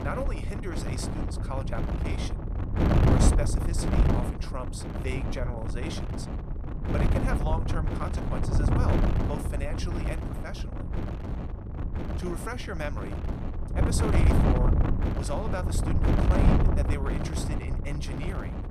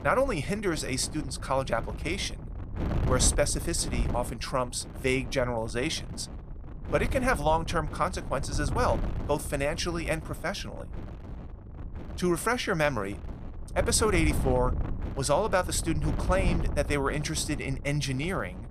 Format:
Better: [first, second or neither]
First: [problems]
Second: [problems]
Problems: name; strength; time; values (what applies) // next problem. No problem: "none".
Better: second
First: wind noise on the microphone; heavy; 2 dB above the speech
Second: wind noise on the microphone; occasional gusts; 15 dB below the speech